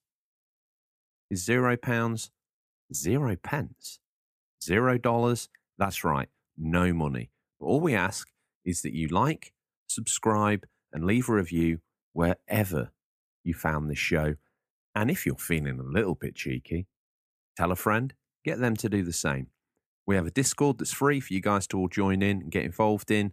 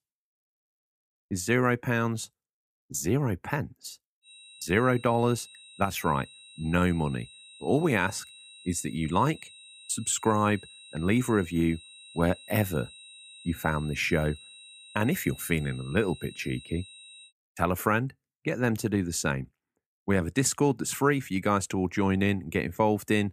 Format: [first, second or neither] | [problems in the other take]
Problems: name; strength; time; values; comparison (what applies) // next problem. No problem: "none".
first | high-pitched whine; noticeable; from 4.5 to 17 s; 4 kHz, 20 dB below the speech